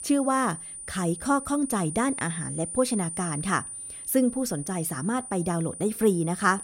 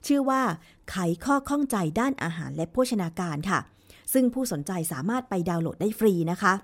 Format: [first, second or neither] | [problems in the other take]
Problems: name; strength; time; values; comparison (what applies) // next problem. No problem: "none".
second | high-pitched whine; loud; throughout; 9.5 kHz, 8 dB below the speech